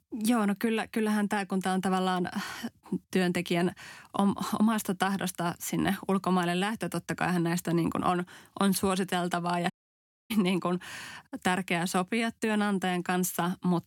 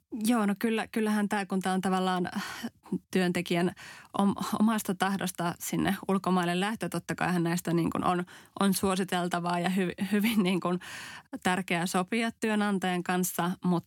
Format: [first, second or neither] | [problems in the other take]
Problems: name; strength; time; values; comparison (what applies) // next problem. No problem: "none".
second | audio cutting out; at 9.5 s for 0.5 s